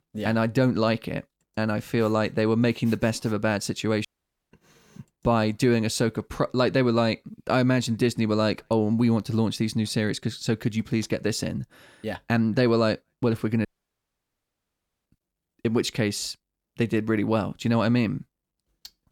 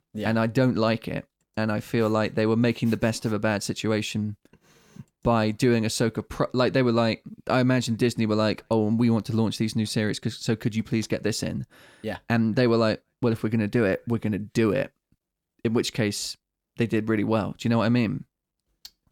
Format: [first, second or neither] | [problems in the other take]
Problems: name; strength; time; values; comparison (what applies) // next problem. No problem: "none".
second | audio cutting out; at 4 s and at 14 s for 1.5 s